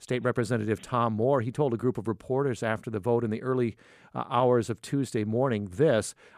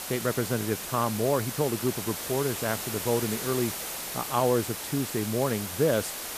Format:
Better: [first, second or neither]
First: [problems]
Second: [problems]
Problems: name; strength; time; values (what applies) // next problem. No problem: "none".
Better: first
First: none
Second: hiss; loud; throughout; 4 dB below the speech